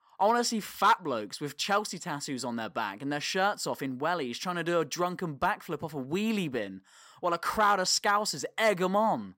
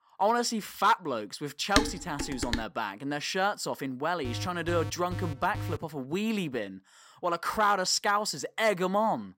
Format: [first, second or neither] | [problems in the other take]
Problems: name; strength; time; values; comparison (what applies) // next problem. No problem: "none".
first | clattering dishes; loud; at 2 s; peak 2 dB above the speech // alarm; noticeable; from 4 to 6 s; peak 8 dB below the speech